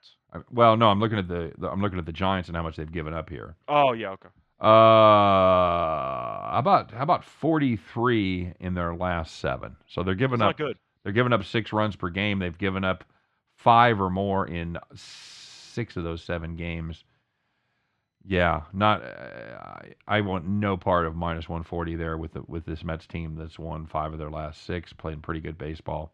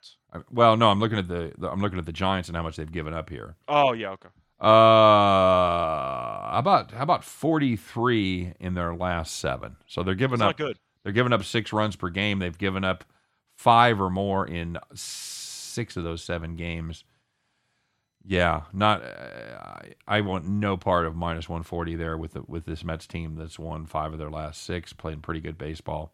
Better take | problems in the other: second | muffled; slightly; fading above 3.5 kHz

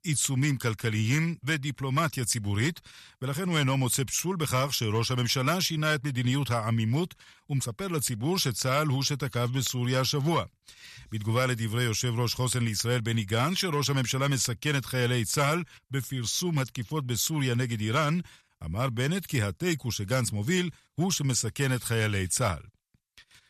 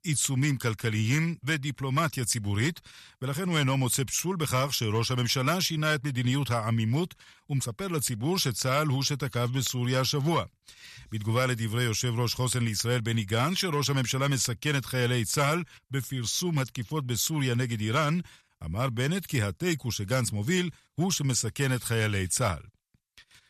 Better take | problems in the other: neither | none

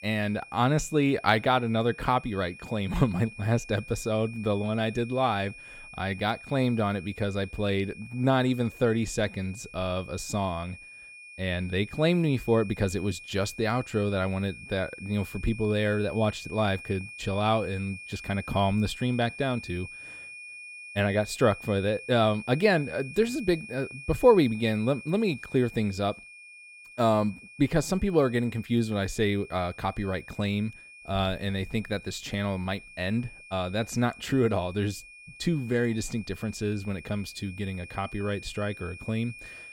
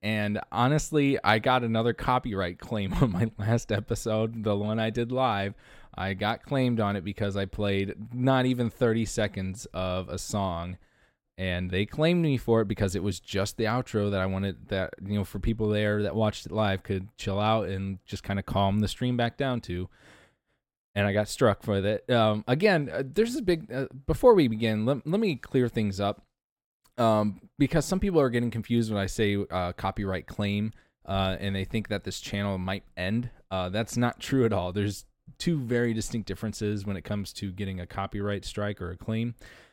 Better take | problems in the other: second | high-pitched whine; noticeable; throughout; 2.5 kHz, 15 dB below the speech

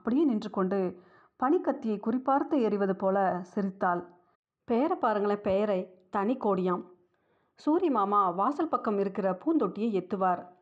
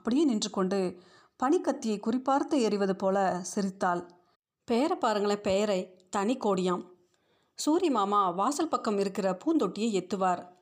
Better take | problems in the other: second | muffled; very; fading above 1.5 kHz

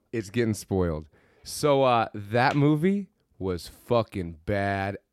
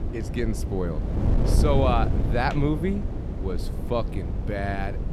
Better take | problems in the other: first | wind noise on the microphone; heavy; 8 dB below the speech

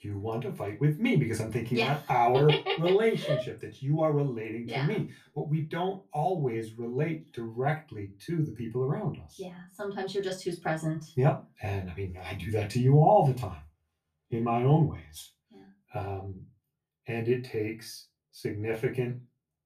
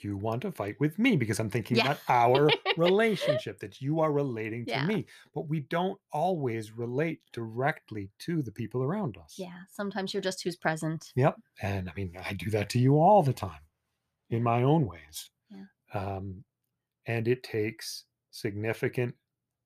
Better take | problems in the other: second | off-mic speech; far // room echo; very slight; dies away in 0.2 s

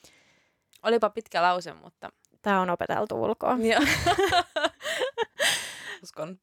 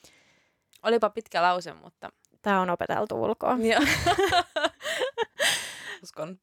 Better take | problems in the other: neither | none

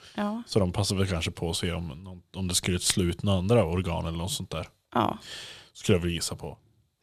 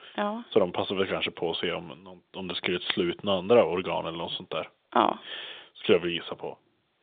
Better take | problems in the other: first | phone-call audio; nothing above 3.5 kHz

